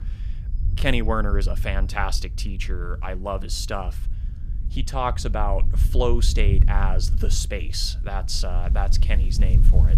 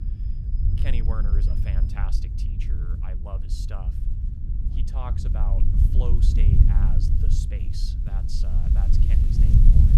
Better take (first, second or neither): first